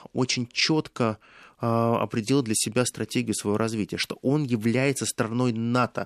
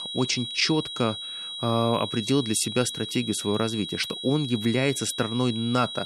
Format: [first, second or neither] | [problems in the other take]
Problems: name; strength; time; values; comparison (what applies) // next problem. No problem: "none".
first | high-pitched whine; loud; throughout; 4 kHz, 7 dB below the speech